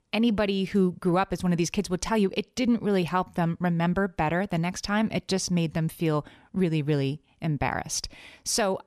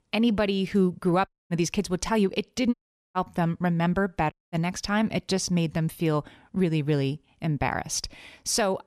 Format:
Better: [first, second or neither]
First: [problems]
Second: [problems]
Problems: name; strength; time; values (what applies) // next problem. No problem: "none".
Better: first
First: none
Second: audio cutting out; at 1.5 s, at 2.5 s and at 4.5 s